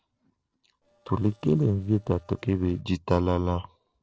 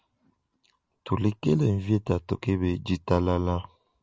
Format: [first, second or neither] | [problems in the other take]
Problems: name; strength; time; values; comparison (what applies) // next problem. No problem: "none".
second | noise reduction (neural separator model SepFormer DNS4)